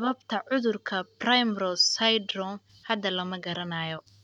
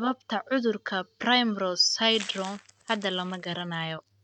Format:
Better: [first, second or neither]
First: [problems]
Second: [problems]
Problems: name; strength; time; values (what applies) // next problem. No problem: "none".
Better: first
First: none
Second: noise reduction (neural mask model RNNoise)